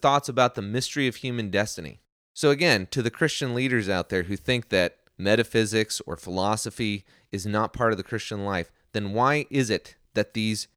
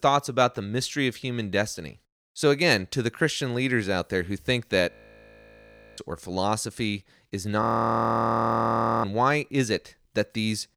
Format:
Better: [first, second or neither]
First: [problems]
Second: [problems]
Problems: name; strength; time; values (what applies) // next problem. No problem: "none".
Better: first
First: none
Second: audio freezing; at 5 s for 1 s and at 7.5 s for 1.5 s